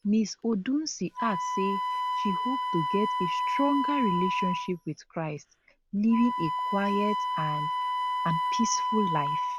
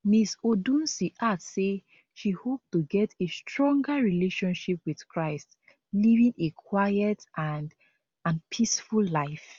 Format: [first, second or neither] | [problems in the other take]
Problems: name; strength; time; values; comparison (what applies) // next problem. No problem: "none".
second | background sound (Wind instrument, woodwind instrument); 1 dB below the speech